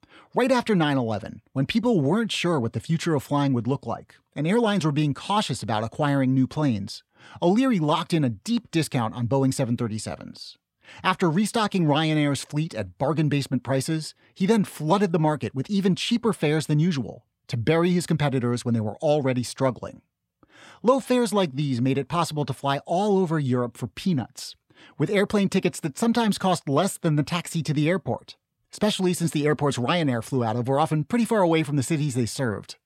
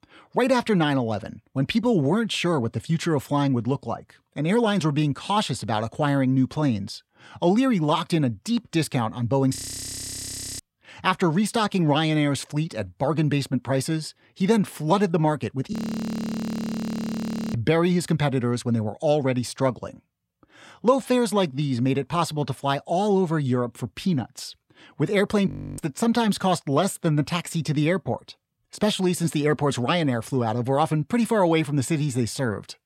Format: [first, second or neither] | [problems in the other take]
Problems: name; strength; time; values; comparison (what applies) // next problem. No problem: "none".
first | audio freezing; at 9.5 s for 1 s, at 16 s for 2 s and at 25 s